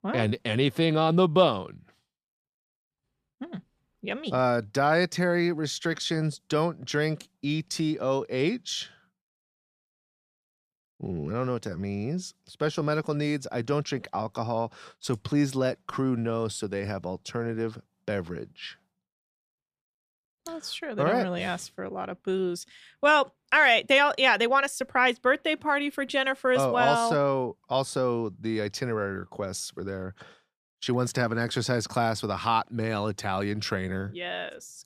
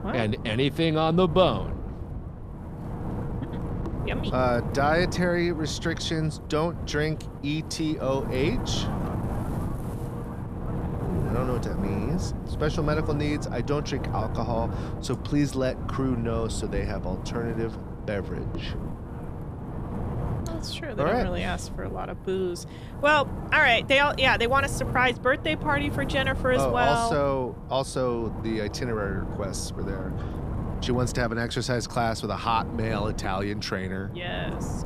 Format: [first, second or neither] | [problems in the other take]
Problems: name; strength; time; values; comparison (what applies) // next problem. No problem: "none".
first | wind noise on the microphone; occasional gusts; 15 dB below the speech